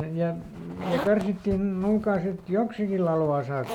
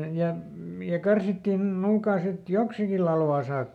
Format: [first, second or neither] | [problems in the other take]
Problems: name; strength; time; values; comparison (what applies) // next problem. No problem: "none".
second | background sound (Zipper (clothing)); 12 dB below the speech